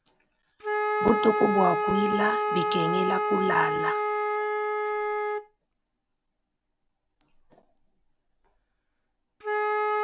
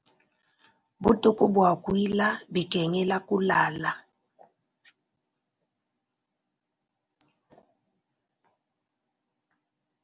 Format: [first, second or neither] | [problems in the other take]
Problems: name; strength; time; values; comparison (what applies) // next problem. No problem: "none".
second | background sound (Wind instrument, woodwind instrument); 2 dB above the speech